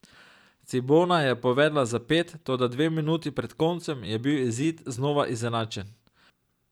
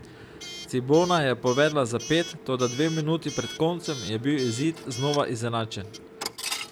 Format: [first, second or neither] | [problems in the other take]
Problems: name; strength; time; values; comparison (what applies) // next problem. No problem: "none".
first | background sound (Coin (dropping) / Alarm); 12 dB below the speech